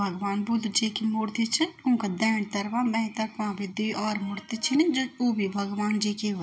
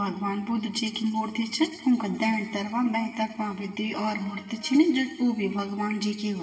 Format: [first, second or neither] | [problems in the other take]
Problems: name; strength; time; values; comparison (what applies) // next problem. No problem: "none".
first | room echo; dies away in 2.8 s